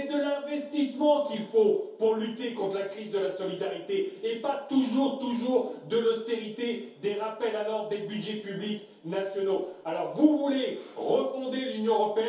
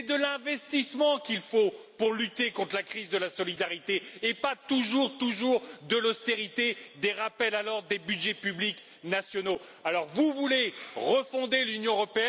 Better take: second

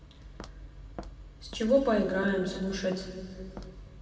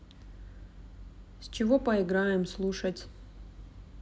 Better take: second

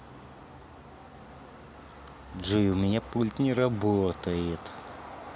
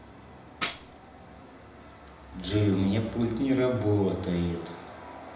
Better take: first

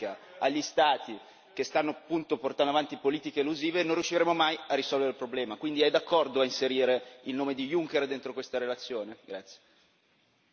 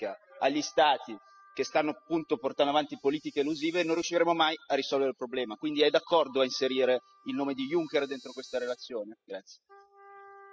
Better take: first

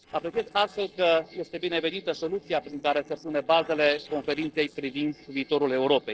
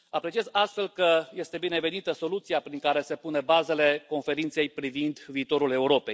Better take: second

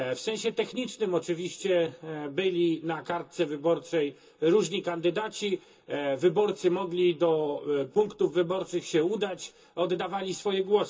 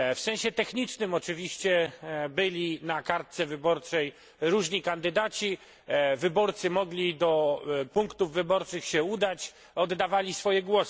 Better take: second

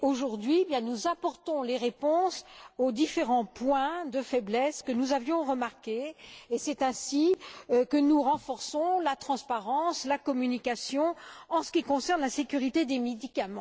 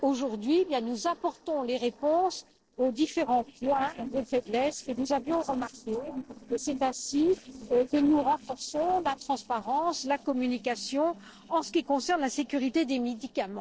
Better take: first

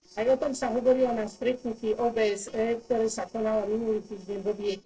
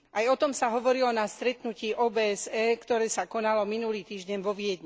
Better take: second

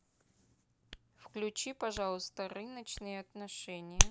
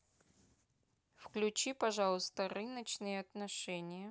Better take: second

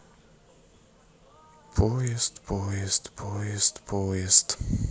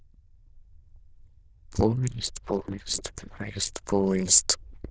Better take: first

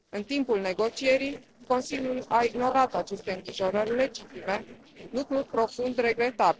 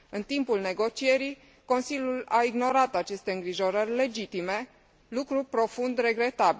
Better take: second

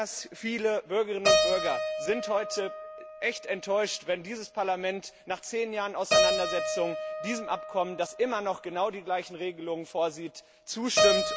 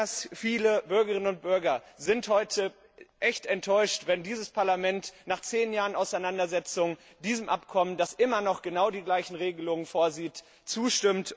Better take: second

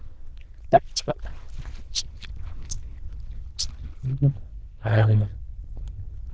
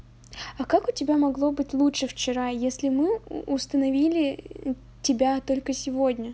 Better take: second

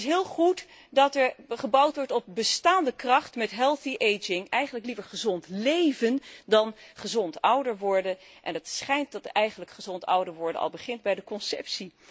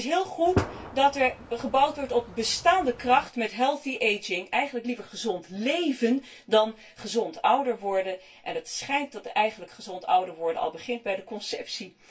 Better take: first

